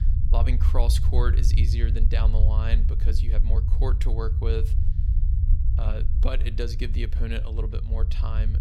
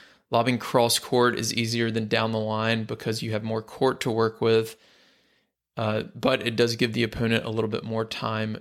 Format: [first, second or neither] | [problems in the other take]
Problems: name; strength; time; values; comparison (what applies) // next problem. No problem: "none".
second | low rumble; loud; throughout; 7 dB below the speech